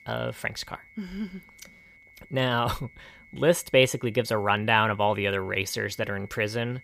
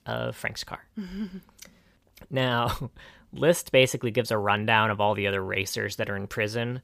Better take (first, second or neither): second